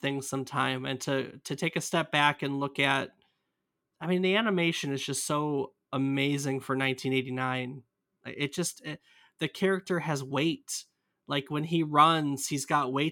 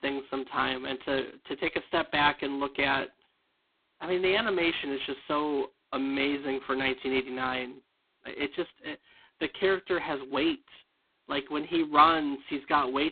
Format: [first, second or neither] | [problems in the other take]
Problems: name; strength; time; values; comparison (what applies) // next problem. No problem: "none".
first | phone-call audio; poor line; nothing above 4 kHz